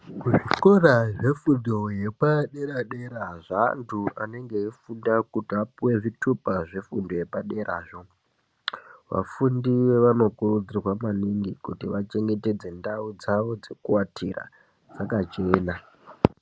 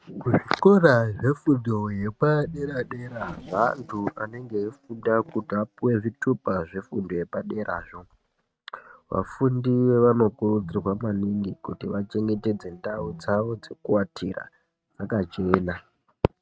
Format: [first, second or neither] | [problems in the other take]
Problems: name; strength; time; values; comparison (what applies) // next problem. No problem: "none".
first | noise reduction (neural mask model RNNoise)